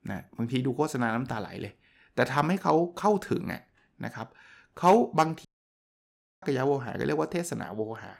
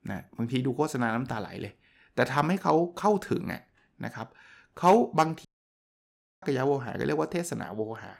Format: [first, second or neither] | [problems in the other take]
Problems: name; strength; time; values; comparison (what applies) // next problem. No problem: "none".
neither | audio cutting out; at 5.5 s for 1 s; the same in both